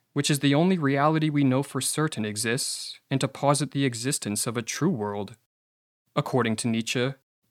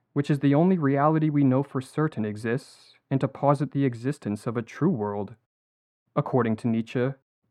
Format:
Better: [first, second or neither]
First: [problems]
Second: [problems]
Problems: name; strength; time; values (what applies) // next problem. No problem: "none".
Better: first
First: none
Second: muffled; very; fading above 2.5 kHz